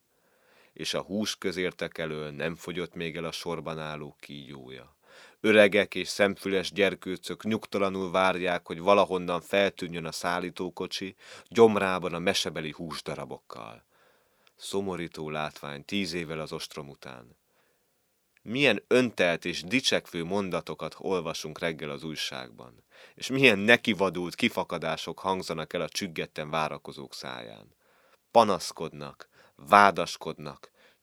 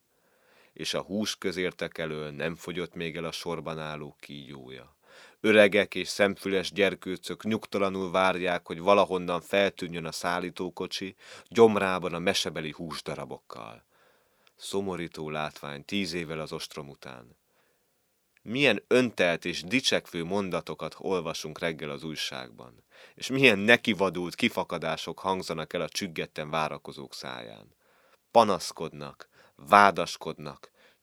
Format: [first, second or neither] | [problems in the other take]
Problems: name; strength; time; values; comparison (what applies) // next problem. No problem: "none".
neither | none